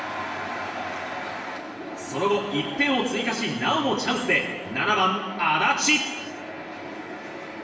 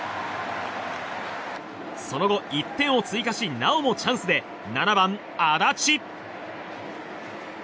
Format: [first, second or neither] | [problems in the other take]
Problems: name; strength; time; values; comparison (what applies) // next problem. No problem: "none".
second | room echo; dies away in 1.2 s